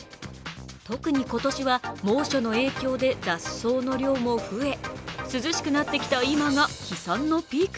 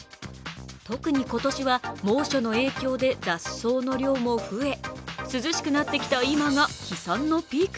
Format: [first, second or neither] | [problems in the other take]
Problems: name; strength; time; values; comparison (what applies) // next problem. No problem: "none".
second | background sound (Drill / Mechanisms); 19 dB below the speech